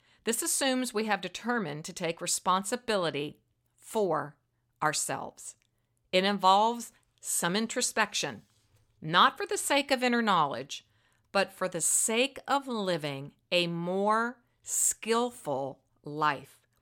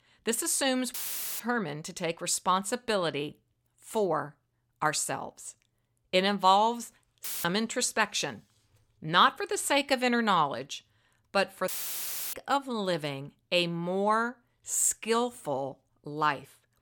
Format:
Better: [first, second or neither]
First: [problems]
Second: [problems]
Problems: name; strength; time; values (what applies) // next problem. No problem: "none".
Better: first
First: none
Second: audio cutting out; filled with static; at 1 s, at 7 s and at 12 s for 0.5 s